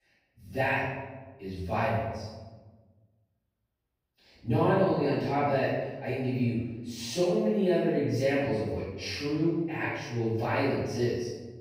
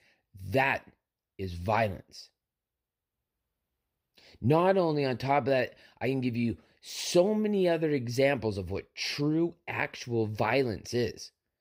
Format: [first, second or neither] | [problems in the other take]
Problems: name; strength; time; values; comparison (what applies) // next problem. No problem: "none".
second | off-mic speech; far // room echo; strong; dies away in 1.2 s